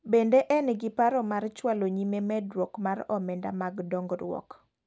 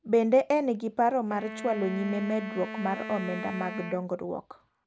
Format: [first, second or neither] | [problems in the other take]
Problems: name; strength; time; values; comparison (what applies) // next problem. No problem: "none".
first | background sound (Wind instrument, woodwind instrument); 11 dB below the speech